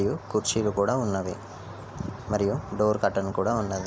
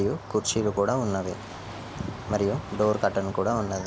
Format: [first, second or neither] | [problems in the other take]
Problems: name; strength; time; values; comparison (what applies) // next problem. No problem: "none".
first | background sound (Waves, surf); 18 dB below the speech